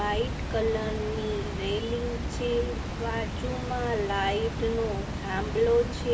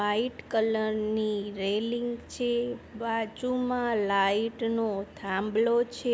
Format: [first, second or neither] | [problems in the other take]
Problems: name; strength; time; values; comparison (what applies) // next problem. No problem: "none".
second | background sound (Water); 3 dB below the speech // room echo; dies away in 1.4 s